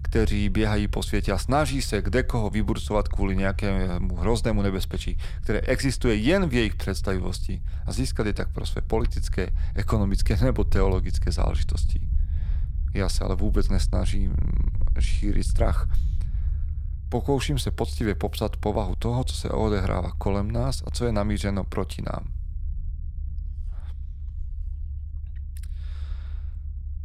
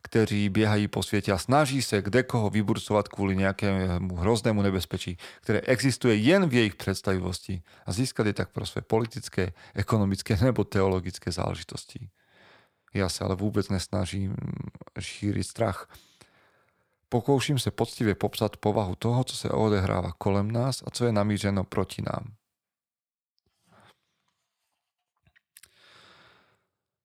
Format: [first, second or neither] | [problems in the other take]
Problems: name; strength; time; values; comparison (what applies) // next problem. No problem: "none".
second | low rumble; faint; throughout; 20 dB below the speech